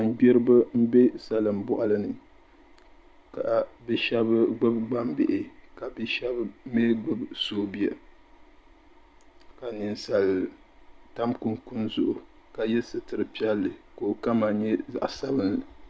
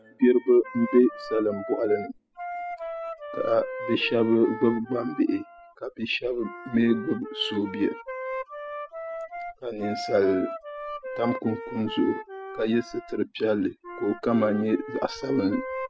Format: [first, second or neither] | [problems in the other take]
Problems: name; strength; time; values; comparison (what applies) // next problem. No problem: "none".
first | noise reduction (classical method spectral subtraction)